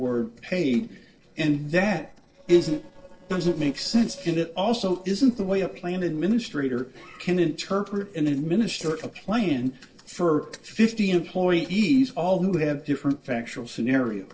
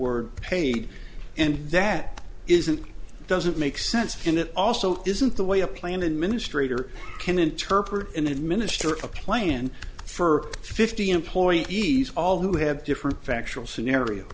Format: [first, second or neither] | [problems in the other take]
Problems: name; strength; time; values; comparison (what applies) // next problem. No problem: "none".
second | noise reduction (neural separator model SepFormer DNS4)